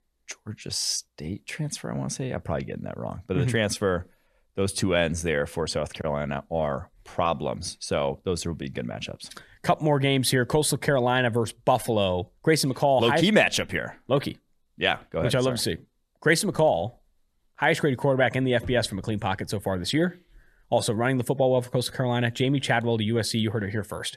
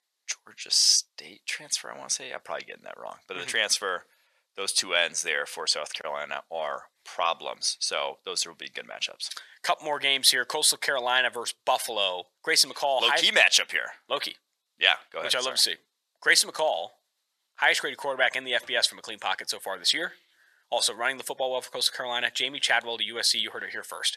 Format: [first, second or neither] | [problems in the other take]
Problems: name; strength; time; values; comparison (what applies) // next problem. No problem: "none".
first | thin; very; fading below 850 Hz